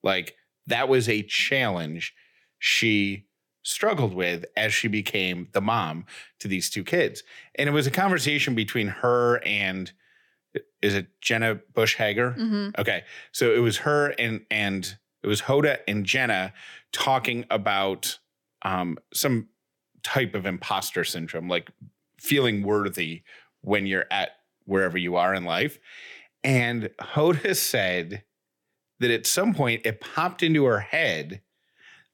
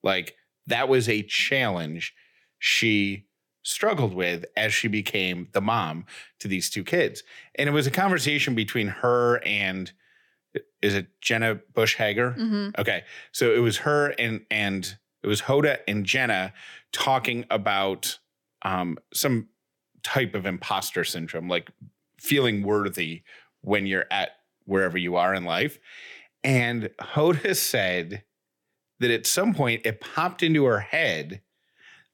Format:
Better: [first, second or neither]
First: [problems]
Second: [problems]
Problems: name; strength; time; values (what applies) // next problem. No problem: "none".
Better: neither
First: none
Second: none